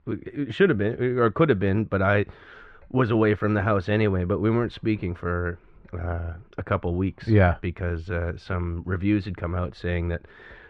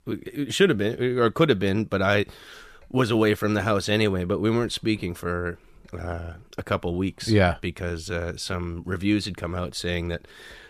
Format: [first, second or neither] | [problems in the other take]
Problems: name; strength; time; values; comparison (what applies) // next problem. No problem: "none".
second | muffled; very; fading above 1.5 kHz